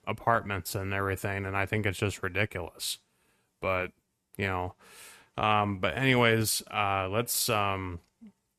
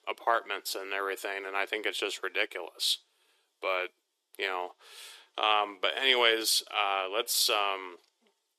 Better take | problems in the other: first | thin; very; fading below 350 Hz

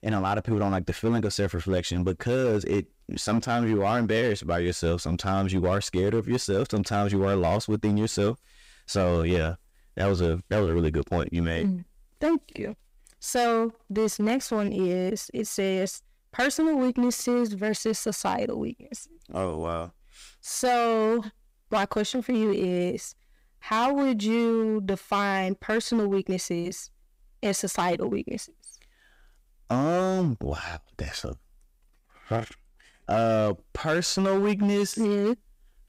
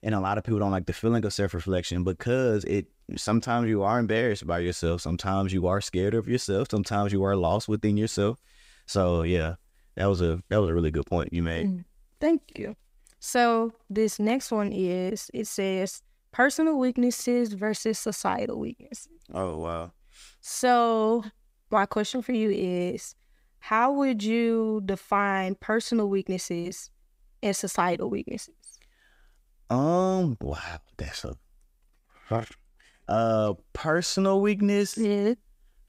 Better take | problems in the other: second | distortion; slight; 7% of the sound clipped

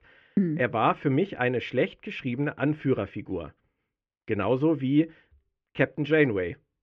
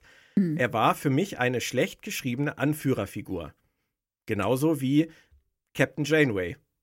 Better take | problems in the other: second | muffled; very; fading above 3 kHz

